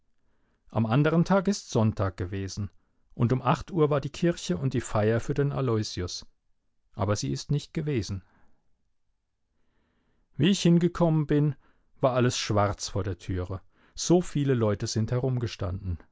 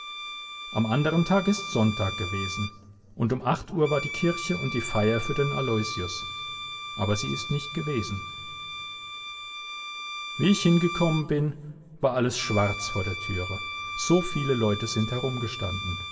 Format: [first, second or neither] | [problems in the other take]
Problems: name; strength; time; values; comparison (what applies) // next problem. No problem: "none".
first | background sound (Bowed string instrument); 9 dB below the speech // room echo; dies away in 1.7 s